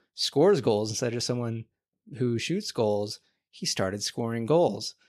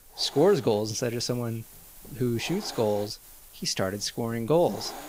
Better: first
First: none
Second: hiss; noticeable; throughout; 20 dB below the speech

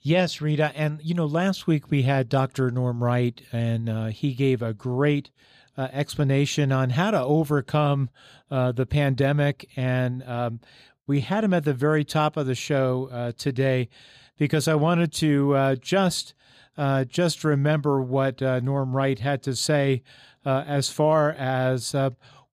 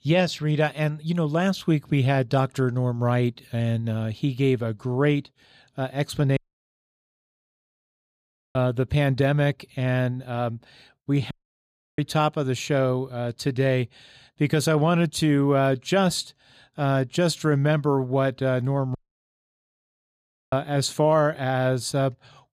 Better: first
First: none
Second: audio cutting out; at 6.5 s for 2 s, at 11 s for 0.5 s and at 19 s for 1.5 s

